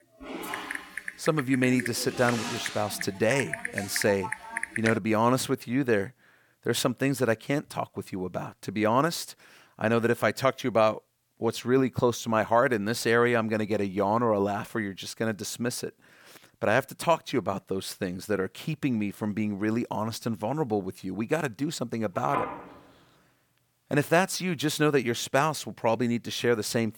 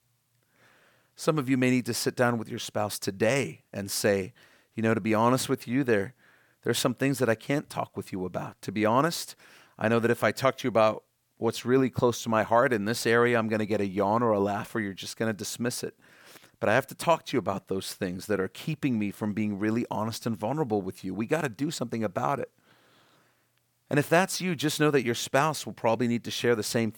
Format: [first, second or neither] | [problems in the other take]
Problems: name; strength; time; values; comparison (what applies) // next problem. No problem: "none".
second | keyboard typing; noticeable; until 5 s; peak 3 dB below the speech // phone ringing; noticeable; from 22 to 24 s; peak 5 dB below the speech